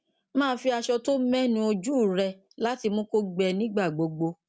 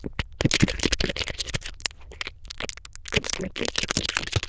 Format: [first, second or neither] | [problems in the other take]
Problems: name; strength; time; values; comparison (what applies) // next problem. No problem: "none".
first | noise reduction (neural diffusion model UNIVERSE++)